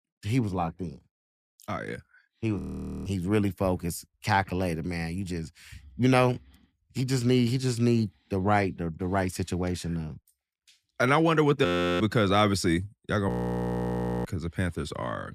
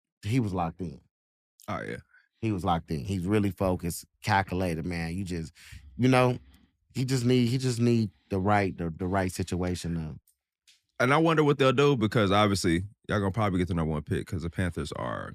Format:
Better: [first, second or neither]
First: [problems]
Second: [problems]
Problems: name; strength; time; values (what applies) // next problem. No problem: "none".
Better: second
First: audio freezing; at 2.5 s, at 12 s and at 13 s for 1 s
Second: none